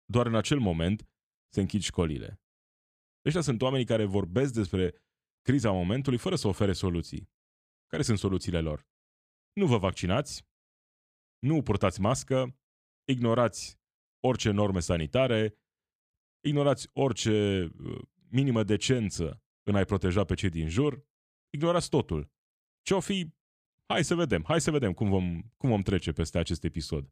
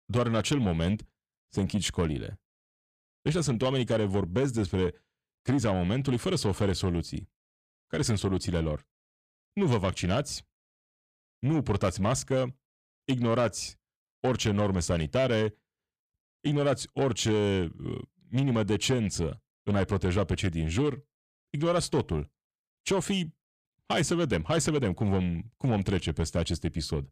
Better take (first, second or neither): first